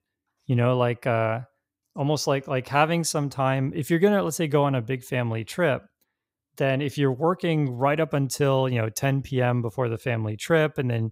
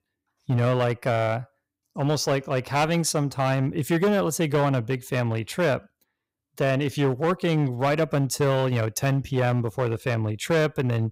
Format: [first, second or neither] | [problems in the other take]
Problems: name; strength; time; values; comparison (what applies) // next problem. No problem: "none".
first | distortion; slight; 8% of the sound clipped